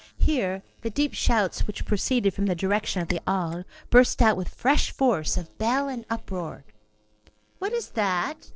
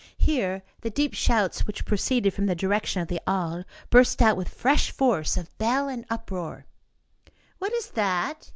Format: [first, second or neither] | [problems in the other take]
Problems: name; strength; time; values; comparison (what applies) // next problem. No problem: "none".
second | noise reduction (neural separator model SepFormer DNS4)